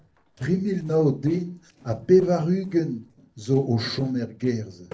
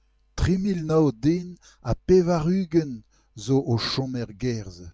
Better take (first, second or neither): second